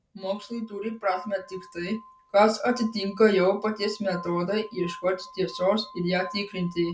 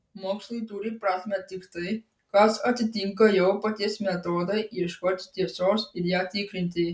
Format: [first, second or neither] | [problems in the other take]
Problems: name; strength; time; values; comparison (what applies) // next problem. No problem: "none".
second | background sound (Glass); 19 dB below the speech